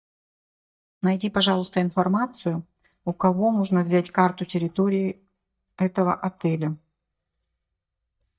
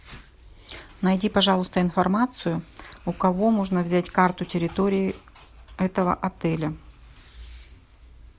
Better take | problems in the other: second | noise reduction (neural mask model DeepFilterNet 3)

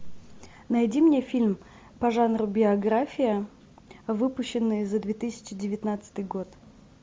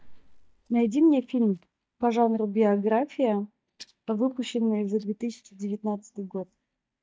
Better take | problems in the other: first | noise reduction (neural mask model DeepFilterNet 3)

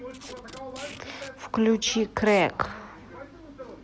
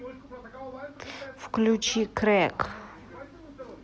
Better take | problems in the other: second | background sound (Packing tape, duct tape); 20 dB below the speech

